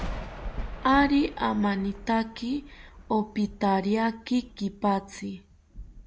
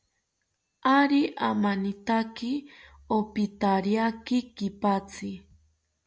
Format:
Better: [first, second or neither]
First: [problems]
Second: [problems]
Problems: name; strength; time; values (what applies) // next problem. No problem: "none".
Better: second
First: background sound (Thunder); 12 dB below the speech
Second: none